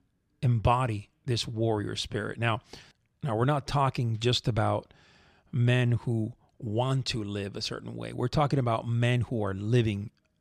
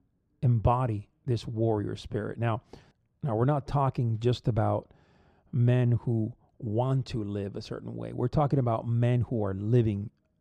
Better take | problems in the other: first | muffled; slightly; fading above 1.5 kHz

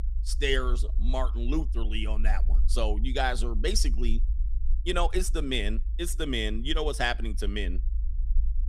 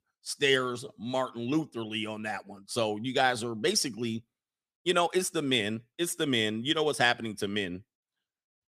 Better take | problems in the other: second | low rumble; faint; throughout; 25 dB below the speech

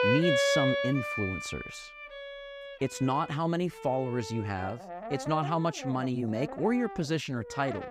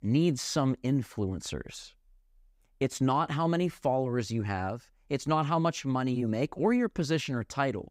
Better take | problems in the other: second | background music; loud; throughout; 3 dB below the speech

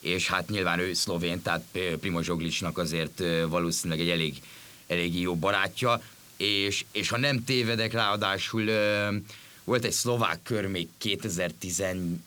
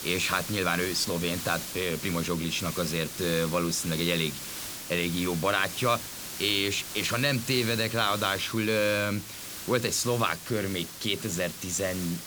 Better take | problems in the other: first | hiss; loud; throughout; 8 dB below the speech; faint in the first

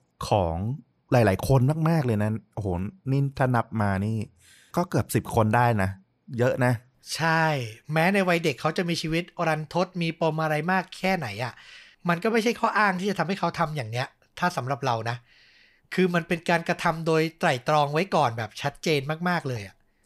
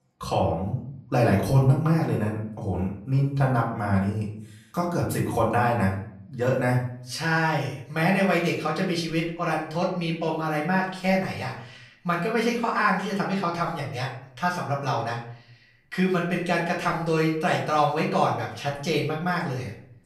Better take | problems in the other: first | off-mic speech; far // room echo; slight; dies away in 0.5 s

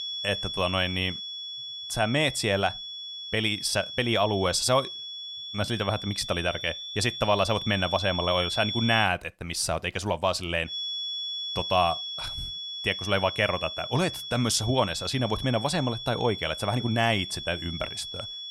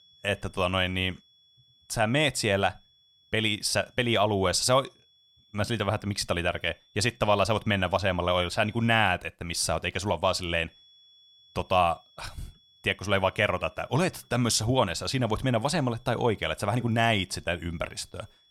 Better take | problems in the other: second | high-pitched whine; loud; until 9 s and from 11 s on; 3.5 kHz, 6 dB below the speech; faint in the second

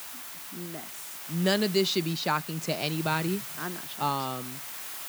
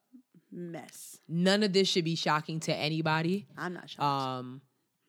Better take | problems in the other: second | hiss; loud; throughout; 8 dB below the speech

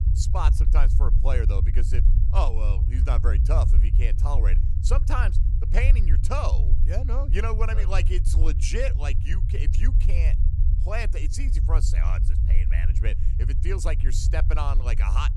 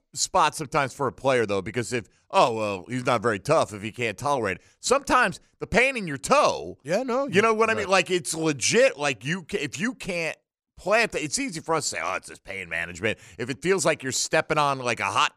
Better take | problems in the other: second | low rumble; loud; throughout; 9 dB below the speech

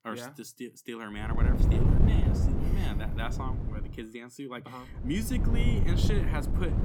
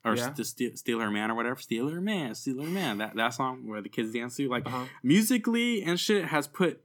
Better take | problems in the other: second | wind noise on the microphone; heavy; from 1.5 to 4 s and from 5 s on; as loud as the speech

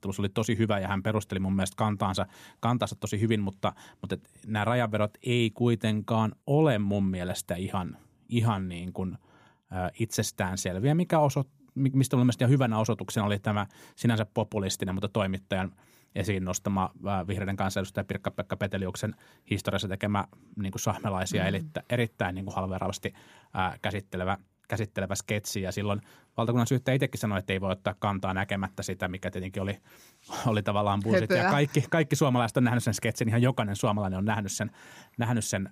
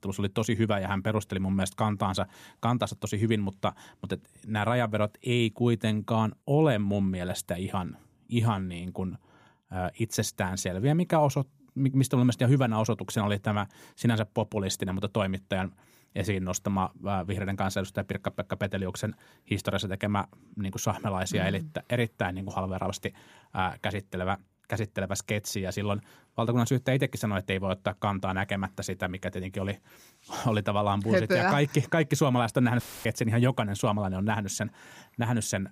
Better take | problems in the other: first | audio cutting out; filled with static; at 33 s

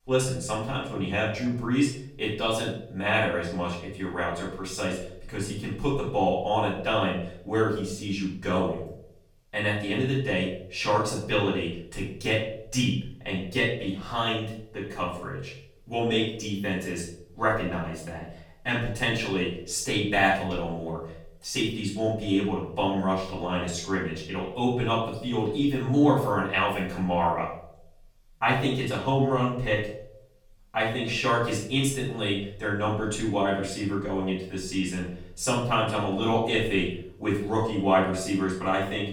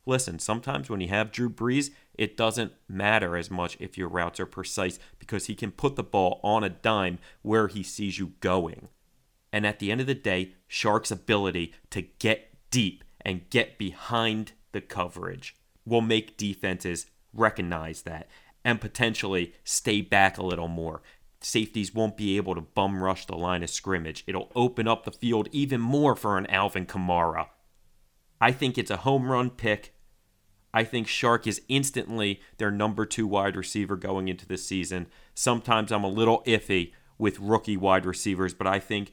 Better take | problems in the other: second | off-mic speech; far // room echo; noticeable; dies away in 0.6 s

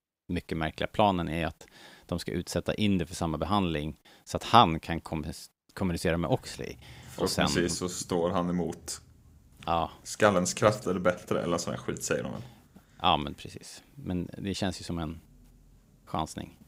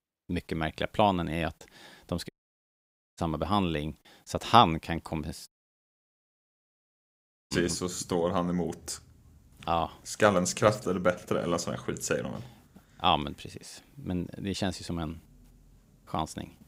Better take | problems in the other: first | audio cutting out; at 2.5 s for 1 s and at 5.5 s for 2 s

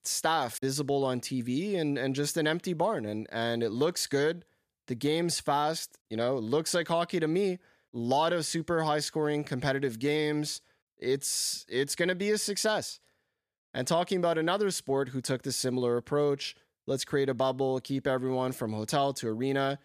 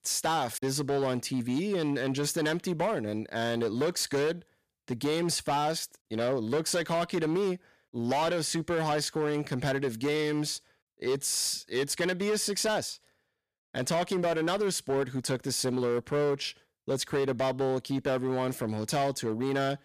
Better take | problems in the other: first | distortion; slight; 12% of the sound clipped

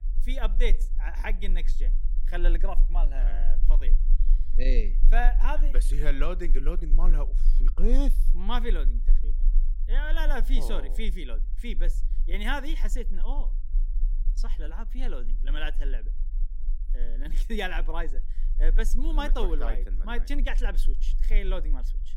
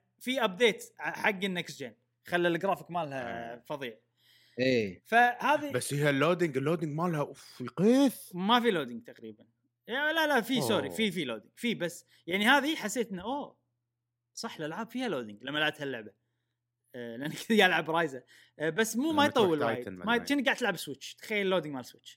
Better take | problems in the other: second | low rumble; faint; throughout; 20 dB below the speech

